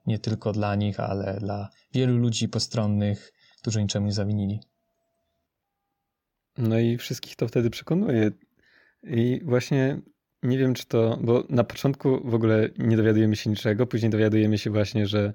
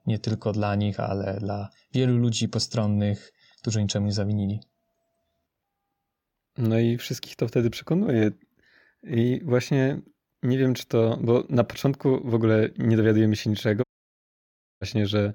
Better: first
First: none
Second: audio cutting out; at 14 s for 1 s

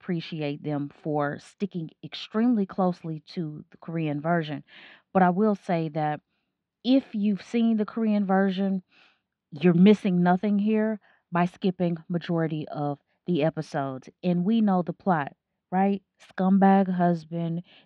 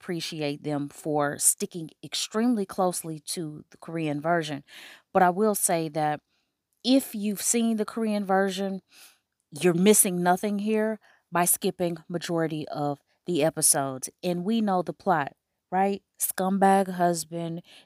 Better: second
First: muffled; very; fading above 3.5 kHz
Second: none

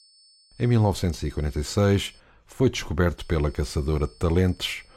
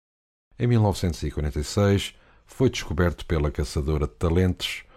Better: second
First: high-pitched whine; faint; until 2 s and from 3 s on; 5 kHz, 30 dB below the speech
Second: none

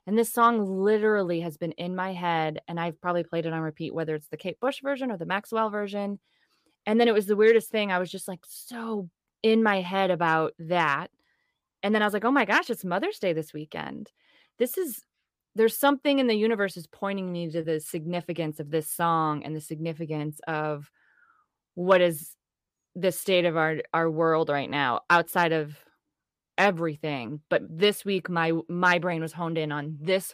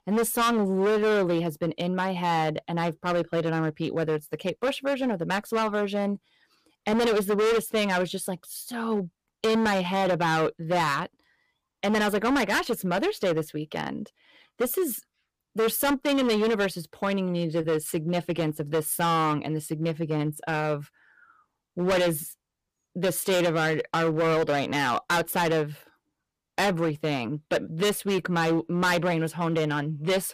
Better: first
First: none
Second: distortion; heavy; 14% of the sound clipped

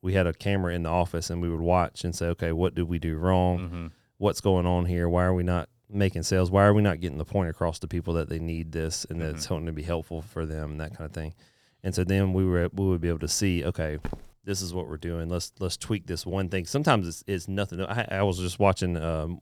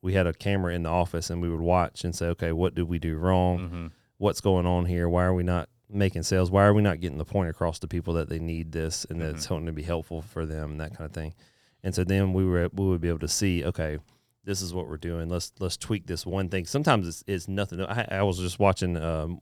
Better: second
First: footsteps; faint; at 14 s; peak 10 dB below the speech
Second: none

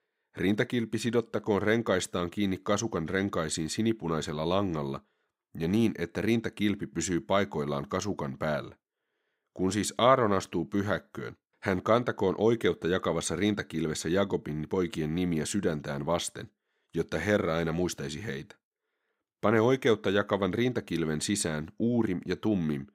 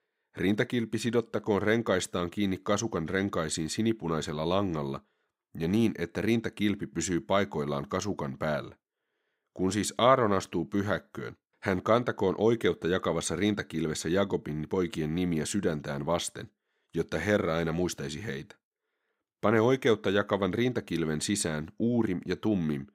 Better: neither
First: none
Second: none

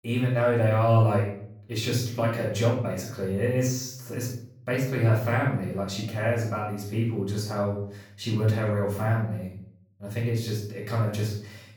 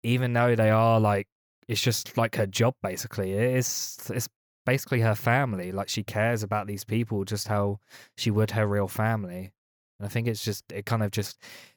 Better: second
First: off-mic speech; far // room echo; noticeable; dies away in 0.6 s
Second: none

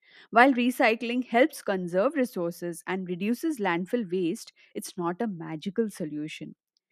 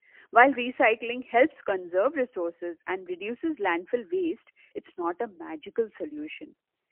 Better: first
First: none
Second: phone-call audio; poor line; nothing above 3 kHz

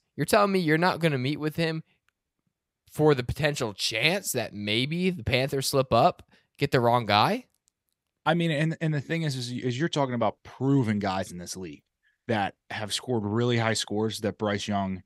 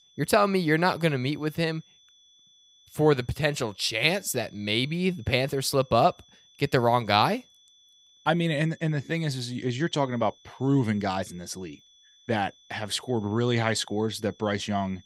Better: first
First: none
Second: high-pitched whine; faint; throughout; 3.5 kHz, 30 dB below the speech

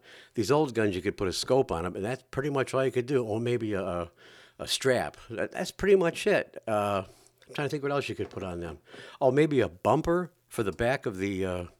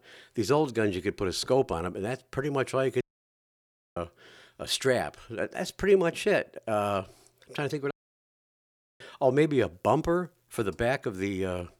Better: first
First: none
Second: audio cutting out; at 3 s for 1 s and at 8 s for 1 s

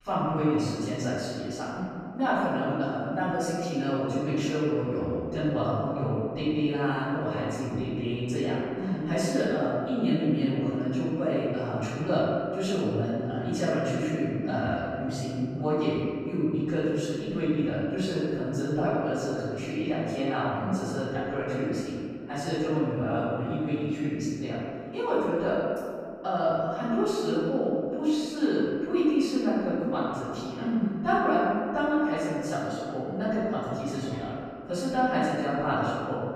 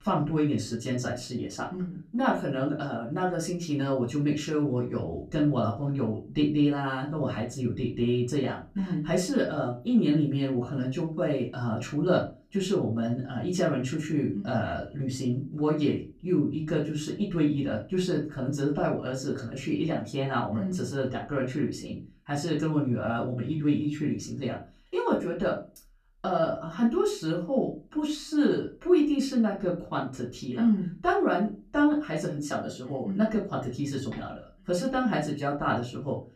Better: second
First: room echo; strong; dies away in 2.2 s // off-mic speech; far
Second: room echo; slight; dies away in 0.3 s // off-mic speech; far

